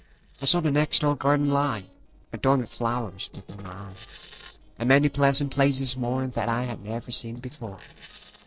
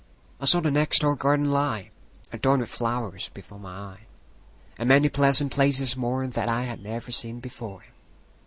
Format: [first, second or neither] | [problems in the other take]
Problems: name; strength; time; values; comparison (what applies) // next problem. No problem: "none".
second | noise reduction (neural separator model SepFormer DNS4)